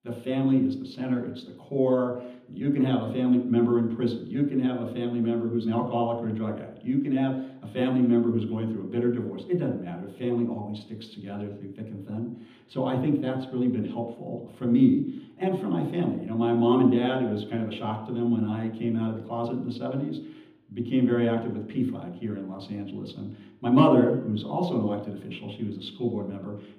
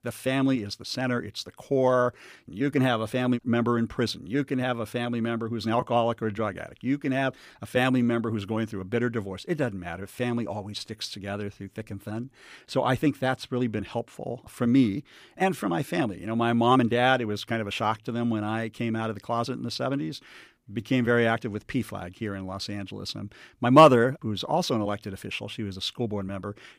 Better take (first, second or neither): second